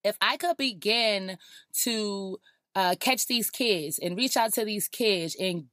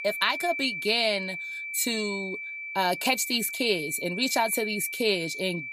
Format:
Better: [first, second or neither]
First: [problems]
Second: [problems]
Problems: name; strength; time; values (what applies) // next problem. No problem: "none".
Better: first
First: none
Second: high-pitched whine; loud; throughout; 2.5 kHz, 6 dB below the speech